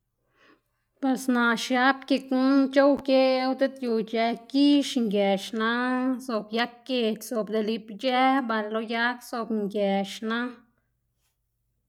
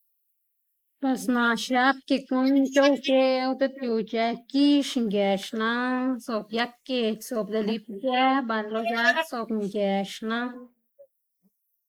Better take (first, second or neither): first